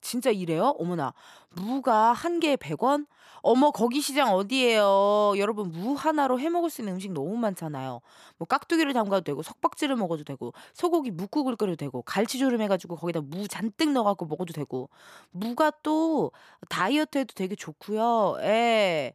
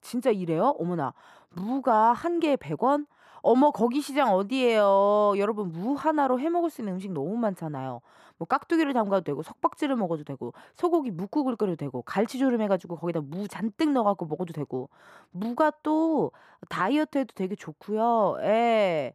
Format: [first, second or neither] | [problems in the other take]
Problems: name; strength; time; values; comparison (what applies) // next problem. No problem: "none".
first | muffled; slightly; fading above 2.5 kHz